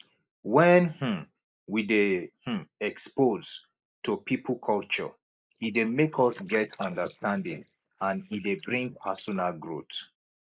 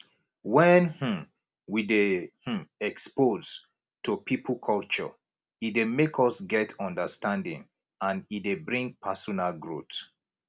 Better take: second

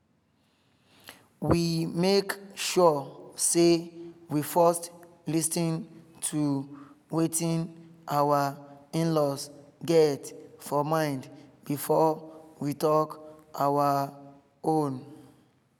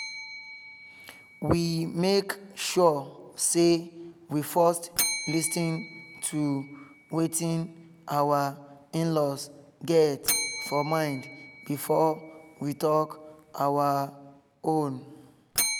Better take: first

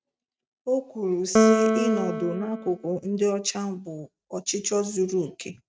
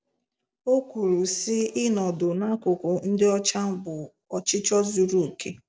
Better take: second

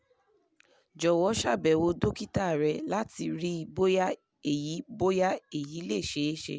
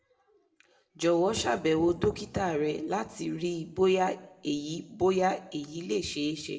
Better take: first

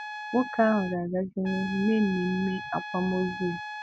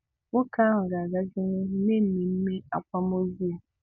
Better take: second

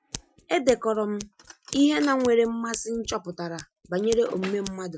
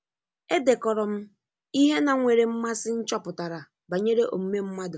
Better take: second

